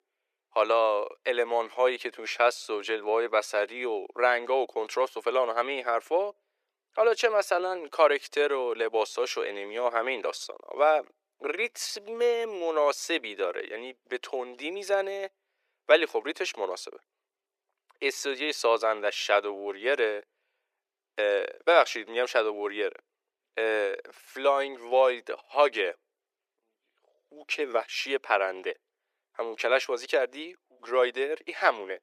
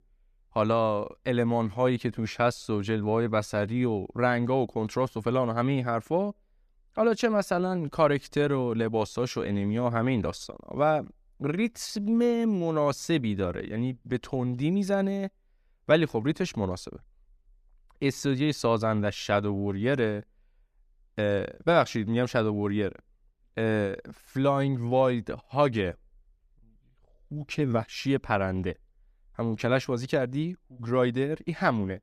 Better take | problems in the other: second | thin; very; fading below 400 Hz

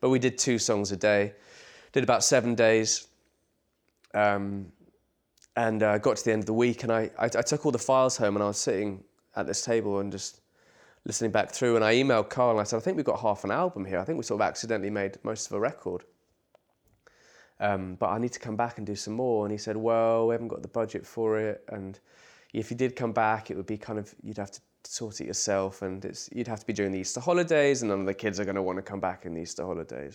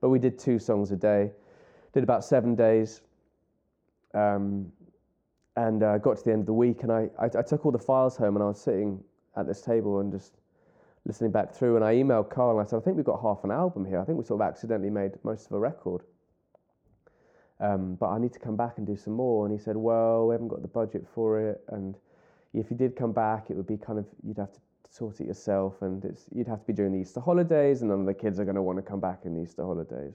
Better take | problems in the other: first | muffled; very; fading above 1.5 kHz

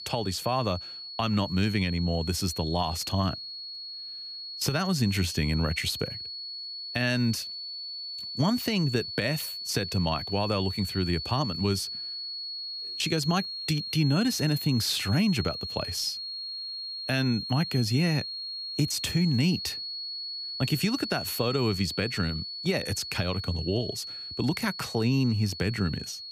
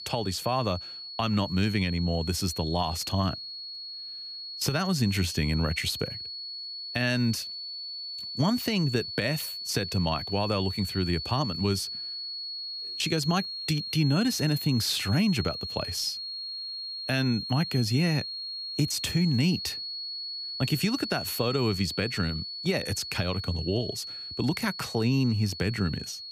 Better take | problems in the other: neither | high-pitched whine; loud; throughout; 4.5 kHz, 6 dB below the speech; the same in both

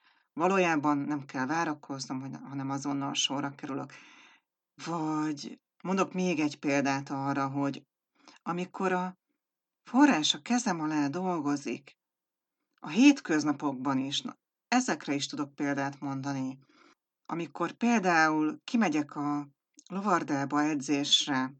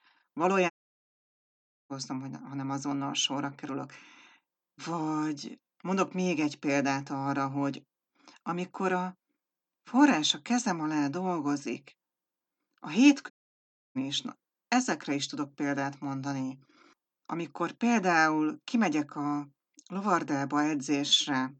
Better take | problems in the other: first | audio cutting out; at 0.5 s for 1 s and at 13 s for 0.5 s

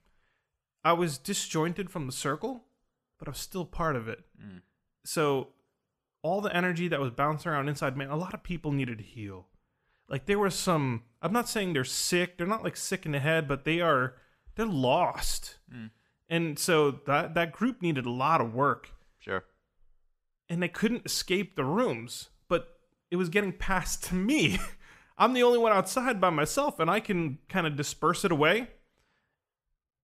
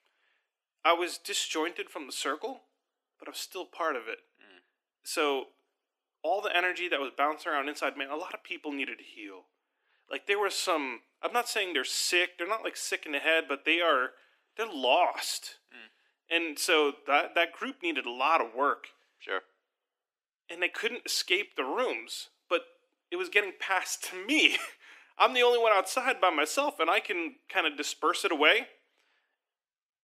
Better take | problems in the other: first | thin; somewhat; fading below 300 Hz

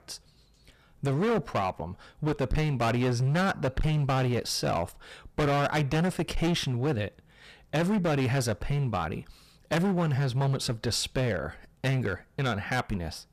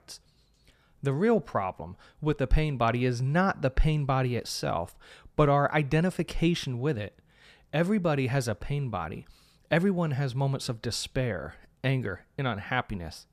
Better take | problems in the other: second | distortion; heavy; 16% of the sound clipped

